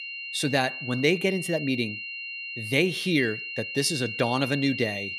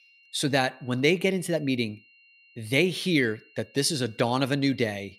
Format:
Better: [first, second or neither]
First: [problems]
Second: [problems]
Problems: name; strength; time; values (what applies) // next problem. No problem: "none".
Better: second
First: high-pitched whine; loud; throughout; 3 kHz, 7 dB below the speech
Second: high-pitched whine; faint; throughout; 3 kHz, 30 dB below the speech